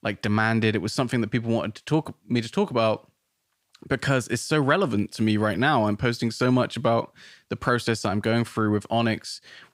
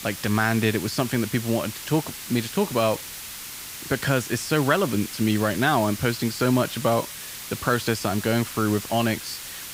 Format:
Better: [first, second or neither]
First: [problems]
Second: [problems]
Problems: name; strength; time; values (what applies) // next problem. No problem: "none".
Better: first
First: none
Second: hiss; loud; throughout; 10 dB below the speech